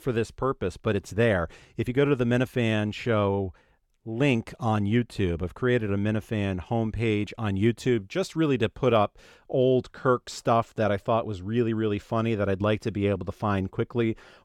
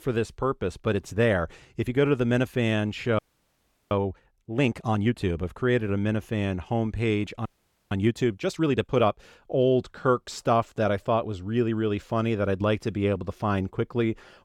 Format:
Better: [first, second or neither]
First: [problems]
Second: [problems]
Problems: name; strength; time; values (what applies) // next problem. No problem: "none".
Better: first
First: none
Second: audio freezing; at 3 s for 0.5 s and at 7.5 s